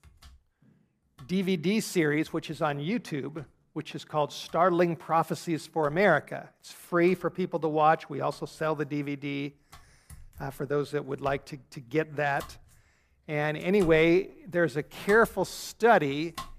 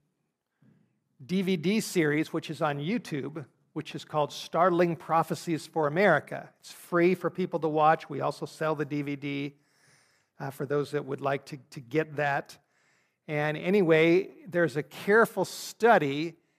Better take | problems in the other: second | household noises; faint; throughout; 25 dB below the speech

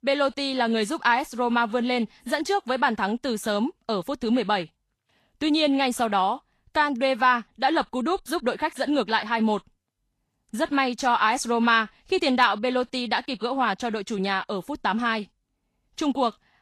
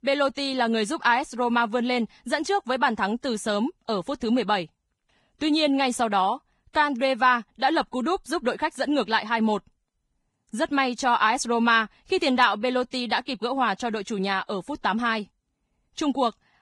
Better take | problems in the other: first | garbled, watery; badly; nothing above 10.5 kHz; slightly in the first

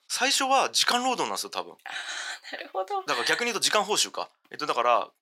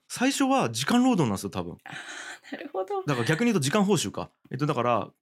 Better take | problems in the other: second | thin; very; fading below 700 Hz

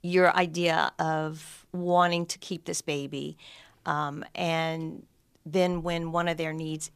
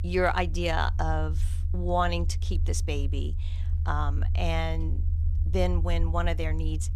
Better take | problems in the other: first | low rumble; noticeable; throughout; 15 dB below the speech

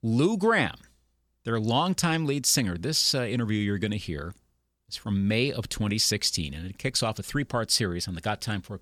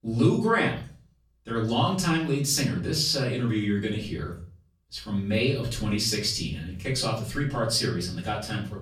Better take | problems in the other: first | off-mic speech; far // room echo; slight; dies away in 0.4 s

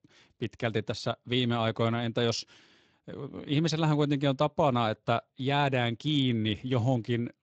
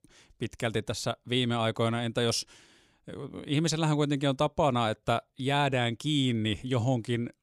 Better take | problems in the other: second | garbled, watery; slightly; nothing above 7.5 kHz

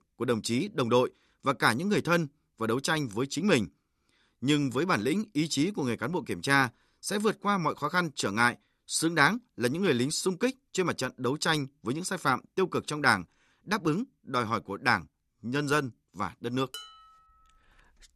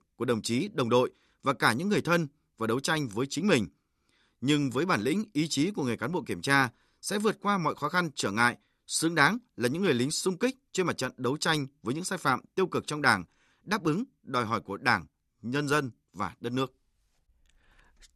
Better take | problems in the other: second | clattering dishes; faint; at 17 s; peak 15 dB below the speech

